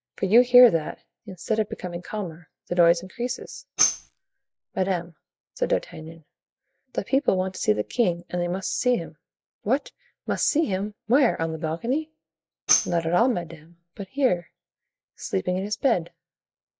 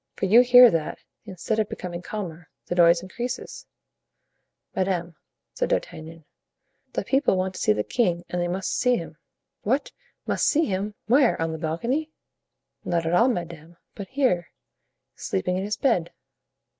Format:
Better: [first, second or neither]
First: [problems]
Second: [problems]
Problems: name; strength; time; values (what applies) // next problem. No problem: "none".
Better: second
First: noise reduction (classical method log-MMSE)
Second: none